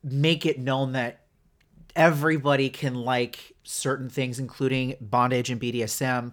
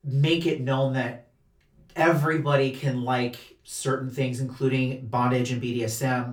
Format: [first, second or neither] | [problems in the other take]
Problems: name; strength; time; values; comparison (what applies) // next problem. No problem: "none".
first | off-mic speech; somewhat distant // room echo; very slight; dies away in 0.2 s